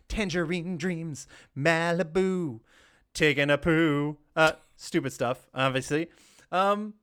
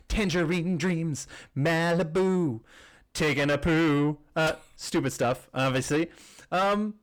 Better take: first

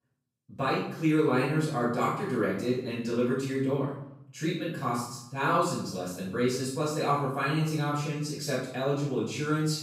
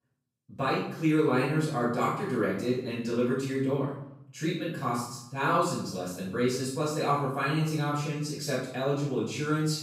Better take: neither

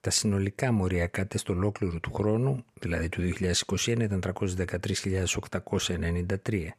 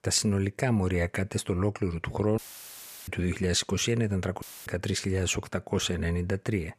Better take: first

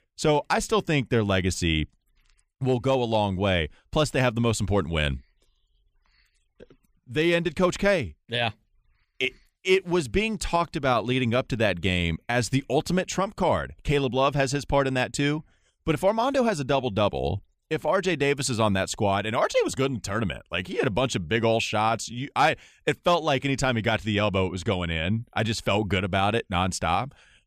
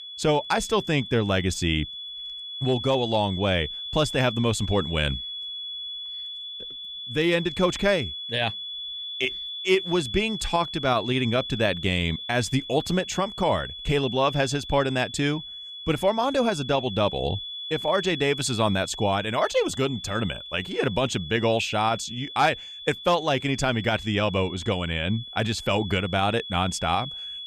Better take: first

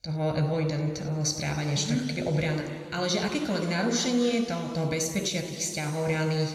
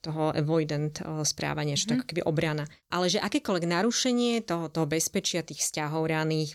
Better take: second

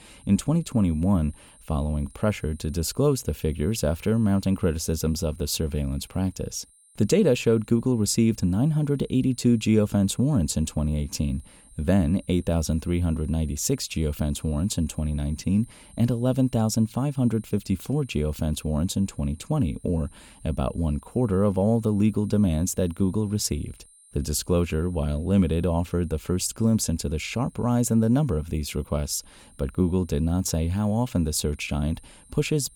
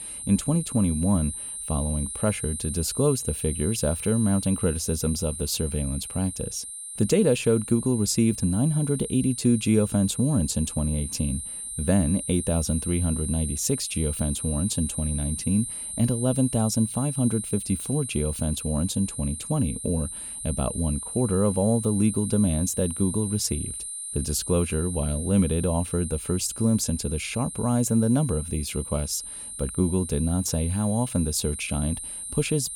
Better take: first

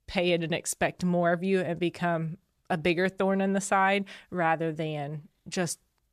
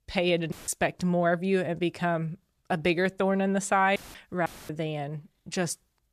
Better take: first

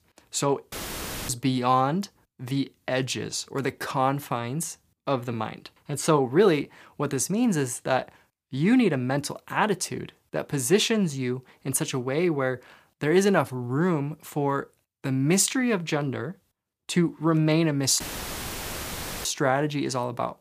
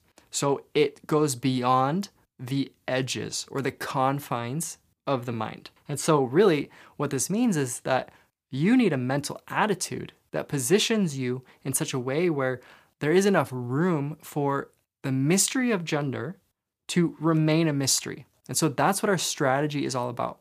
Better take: second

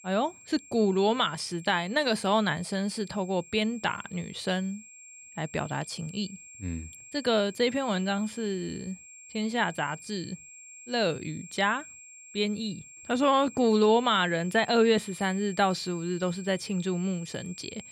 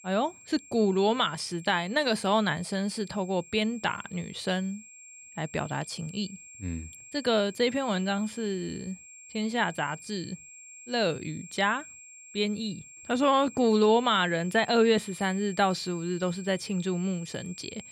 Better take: neither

